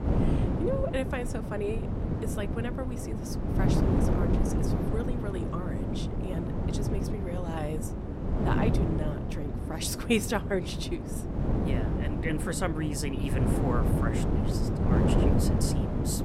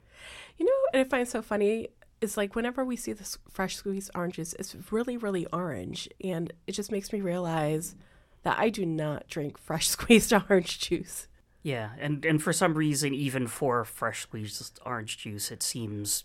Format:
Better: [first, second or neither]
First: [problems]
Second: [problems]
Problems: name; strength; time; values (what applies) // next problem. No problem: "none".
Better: second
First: wind noise on the microphone; heavy; as loud as the speech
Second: none